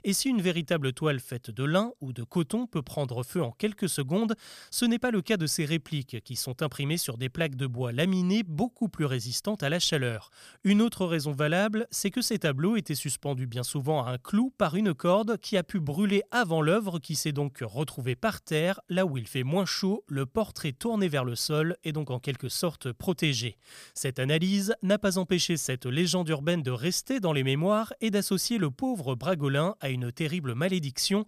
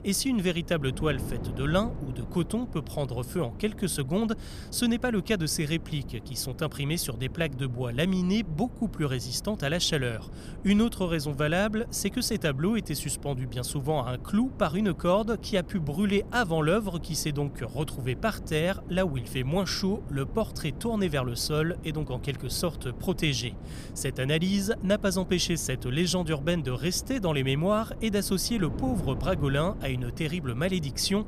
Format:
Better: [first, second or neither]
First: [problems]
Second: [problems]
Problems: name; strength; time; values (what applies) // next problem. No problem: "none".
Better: first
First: none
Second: wind noise on the microphone; occasional gusts; 15 dB below the speech